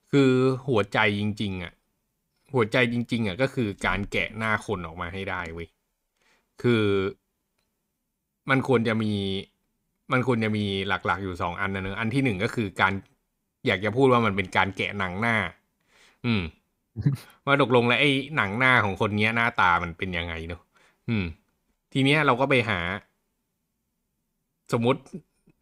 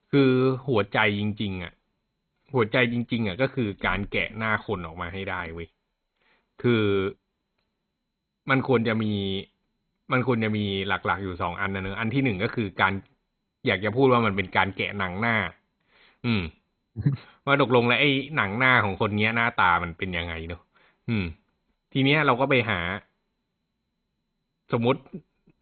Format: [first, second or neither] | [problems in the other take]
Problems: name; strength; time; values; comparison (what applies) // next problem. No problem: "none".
first | garbled, watery; badly; nothing above 4 kHz